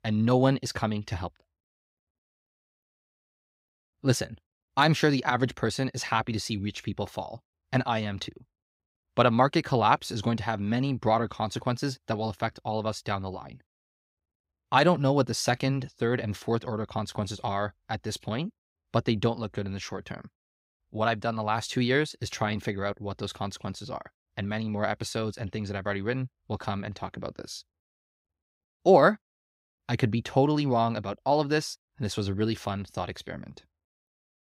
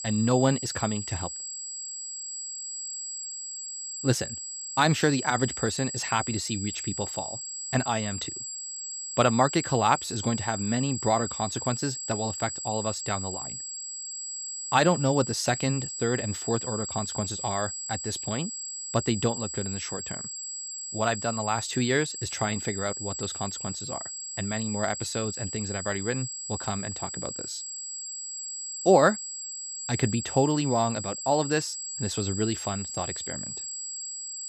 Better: first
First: none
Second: high-pitched whine; loud; throughout; 7.5 kHz, 5 dB below the speech

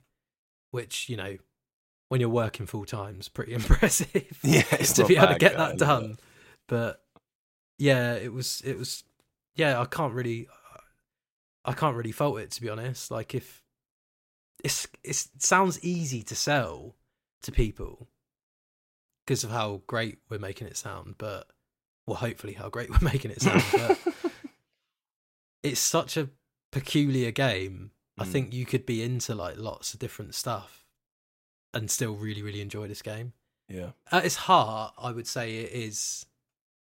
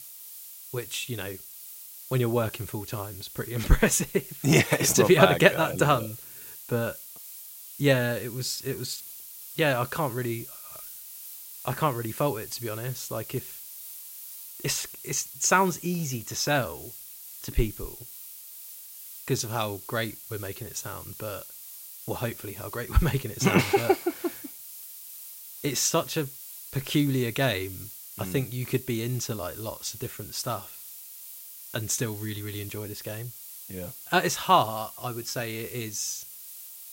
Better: first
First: none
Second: hiss; noticeable; throughout; 15 dB below the speech

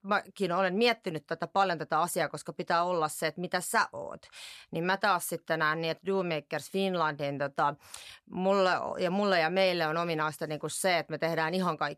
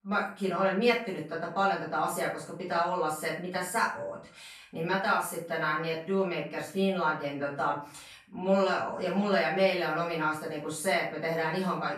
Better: first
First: none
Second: off-mic speech; far // room echo; noticeable; dies away in 0.4 s

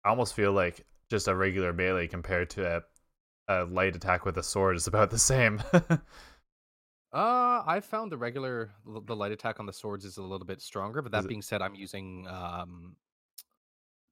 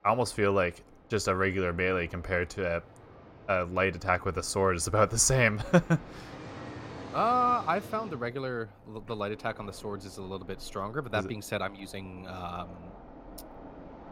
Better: first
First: none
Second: train or aircraft noise; noticeable; throughout; 20 dB below the speech

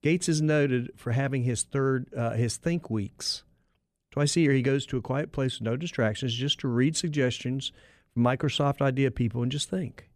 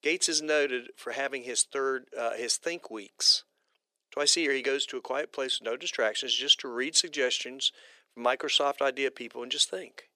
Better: first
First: none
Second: thin; very; fading below 400 Hz

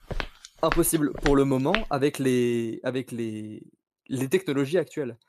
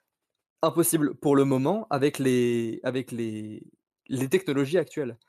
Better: second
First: footsteps; noticeable; until 2 s; peak 5 dB below the speech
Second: none

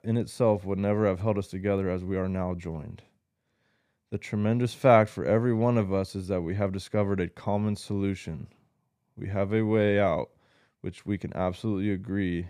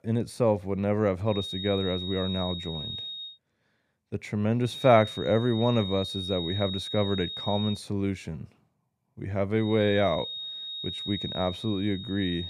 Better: first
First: none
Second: high-pitched whine; loud; from 1.5 to 3.5 s, from 4.5 to 8 s and from 9.5 s on; 4 kHz, 7 dB below the speech

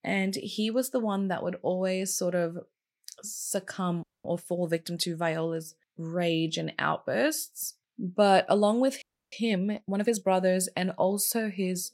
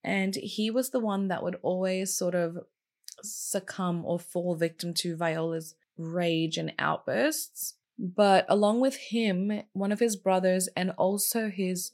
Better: second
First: audio freezing; at 4 s and at 9 s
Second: none

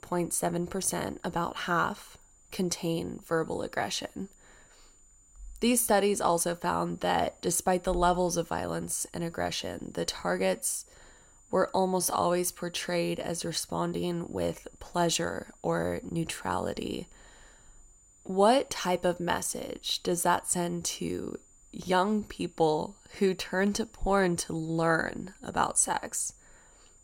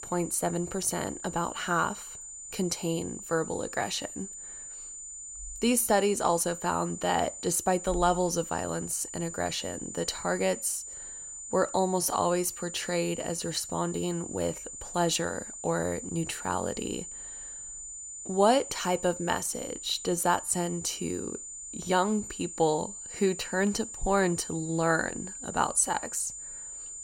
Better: first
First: high-pitched whine; faint; throughout; 7 kHz, 30 dB below the speech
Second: high-pitched whine; loud; throughout; 7 kHz, 10 dB below the speech

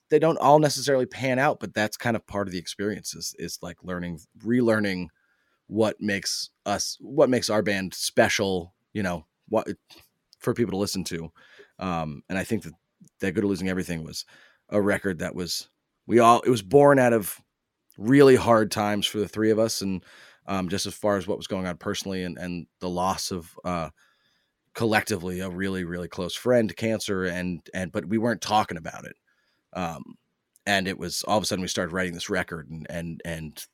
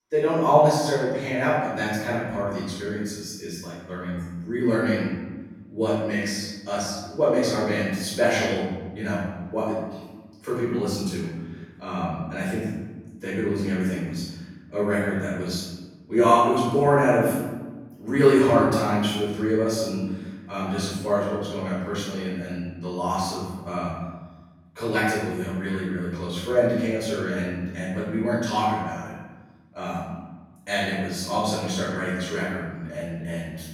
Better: first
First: none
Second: off-mic speech; far // room echo; strong; dies away in 1.2 s

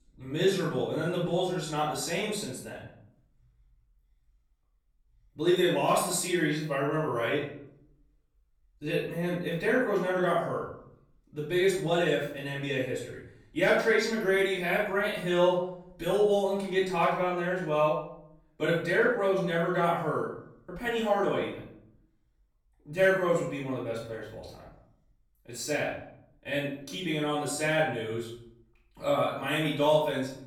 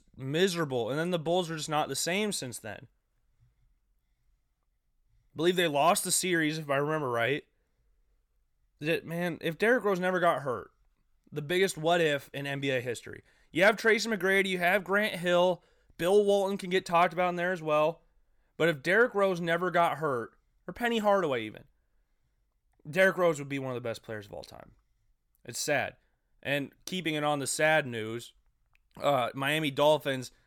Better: second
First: off-mic speech; far // room echo; noticeable; dies away in 0.6 s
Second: none

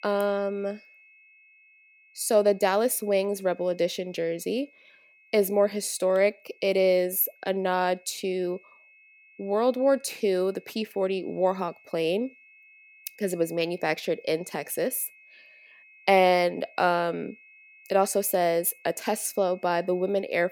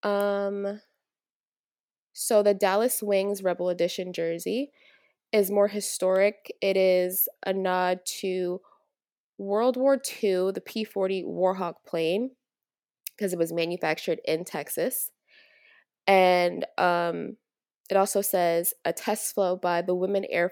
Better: second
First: high-pitched whine; faint; throughout; 2.5 kHz, 25 dB below the speech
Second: none

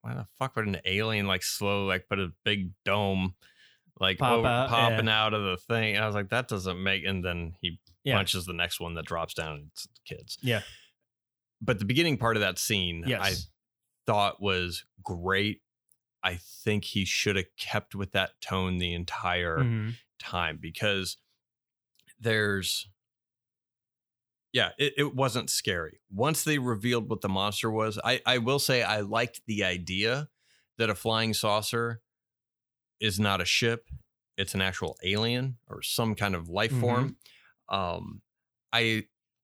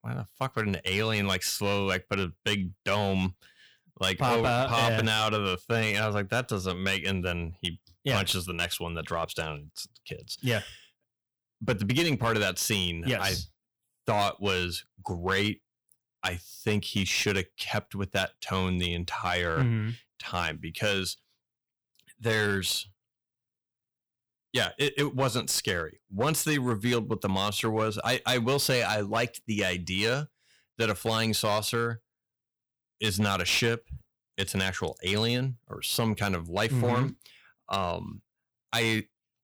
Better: first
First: none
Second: distortion; slight; 5% of the sound clipped

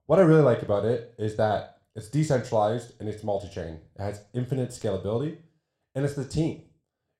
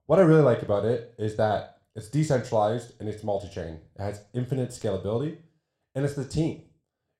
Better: neither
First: room echo; very slight; dies away in 0.4 s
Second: room echo; very slight; dies away in 0.4 s

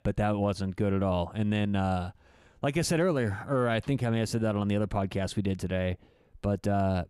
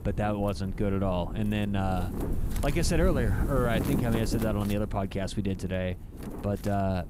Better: first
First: none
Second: wind noise on the microphone; heavy; 9 dB below the speech

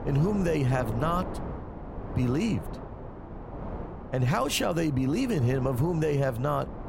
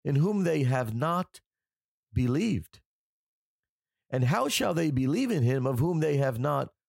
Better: second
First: wind noise on the microphone; occasional gusts; 10 dB below the speech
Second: none

